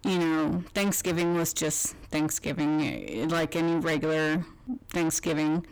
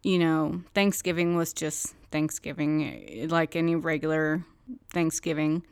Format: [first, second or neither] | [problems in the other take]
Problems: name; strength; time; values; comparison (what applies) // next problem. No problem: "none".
second | distortion; heavy; 6 dB below the speech